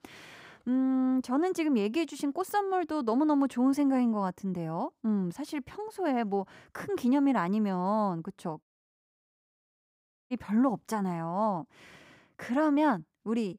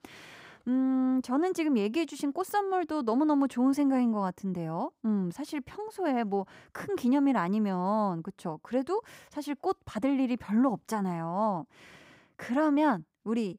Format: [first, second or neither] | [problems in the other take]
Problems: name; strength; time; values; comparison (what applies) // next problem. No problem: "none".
second | audio cutting out; at 8.5 s for 1.5 s